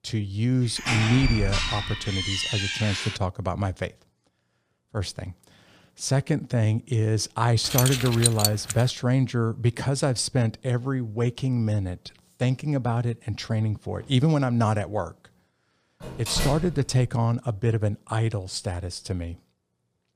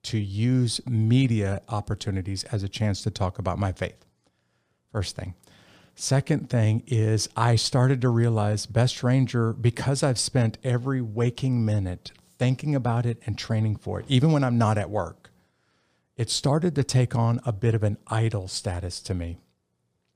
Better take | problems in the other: second | door banging; loud; from 1 to 3 s; peak level with the speech // jangling keys; loud; from 7.5 to 8.5 s; peak 3 dB above the speech // door banging; noticeable; from 16 to 17 s; peak 4 dB below the speech

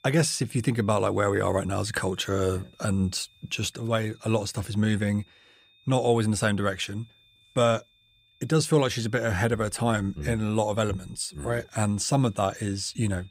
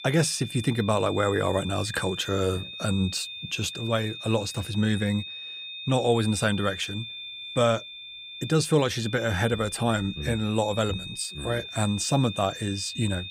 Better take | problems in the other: first | high-pitched whine; loud; throughout; 3.5 kHz, 10 dB below the speech; faint in the first

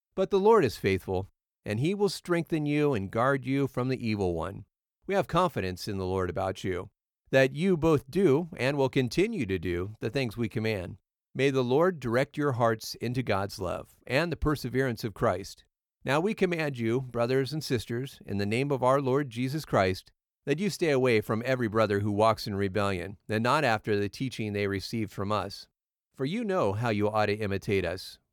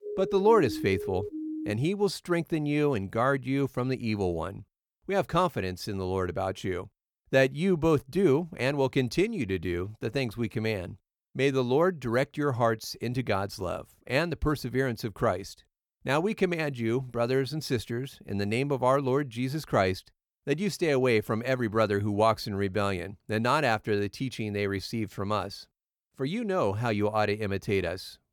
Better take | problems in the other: first | siren; noticeable; until 1.5 s; peak 7 dB below the speech

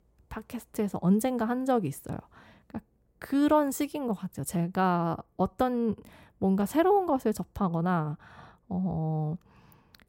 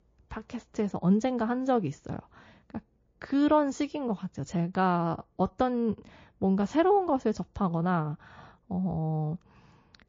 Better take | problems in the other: first | garbled, watery; slightly

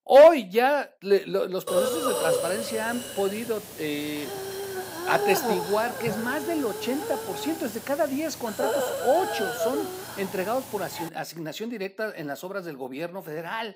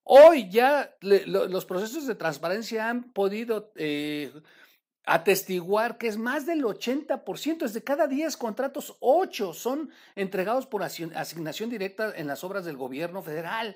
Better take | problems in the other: second | hiss; loud; from 1.5 to 11 s; 4 dB below the speech

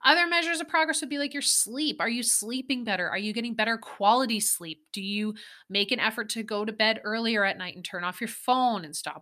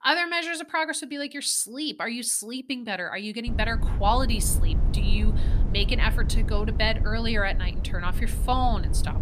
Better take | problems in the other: first | low rumble; noticeable; from 3.5 s on; 15 dB below the speech

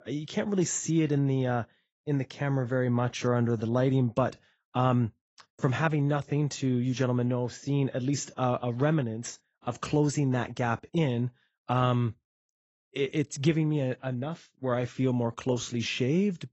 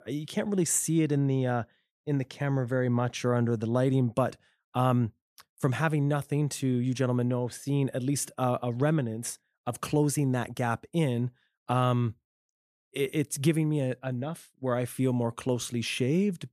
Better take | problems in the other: second | garbled, watery; badly; nothing above 8 kHz

